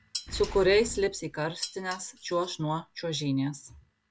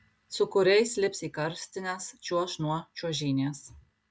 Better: second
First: background sound (Boom + Dishes, pots, and pans); 12 dB below the speech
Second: none

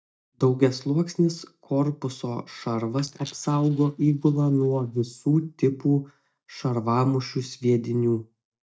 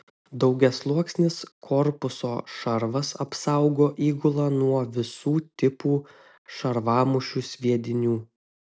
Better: second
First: noise reduction (neural mask model DeepFilterNet 3)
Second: none

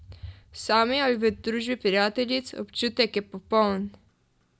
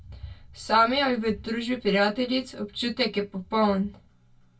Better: first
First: none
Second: room echo; dies away in 0.1 s

